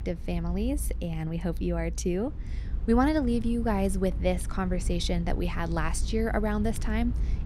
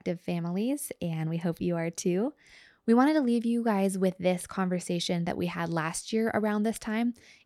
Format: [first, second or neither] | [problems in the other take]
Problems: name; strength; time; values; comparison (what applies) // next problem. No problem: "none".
second | low rumble; noticeable; throughout; 20 dB below the speech